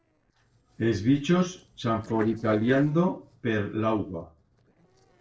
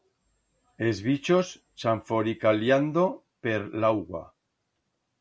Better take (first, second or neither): second